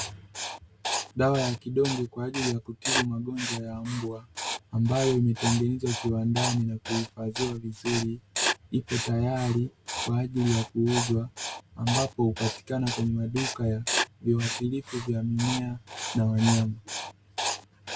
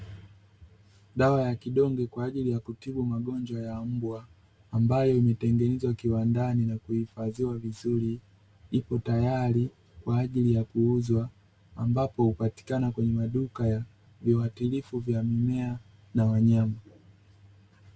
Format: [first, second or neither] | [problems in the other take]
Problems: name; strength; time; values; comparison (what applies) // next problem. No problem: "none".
second | background sound (Writing); 6 dB below the speech